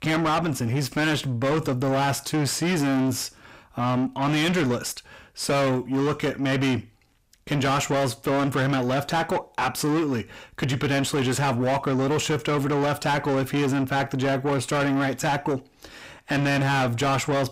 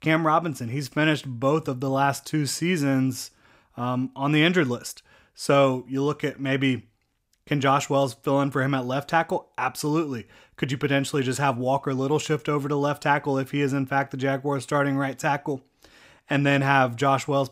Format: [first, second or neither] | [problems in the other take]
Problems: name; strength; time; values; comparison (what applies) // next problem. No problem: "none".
second | distortion; heavy; 6 dB below the speech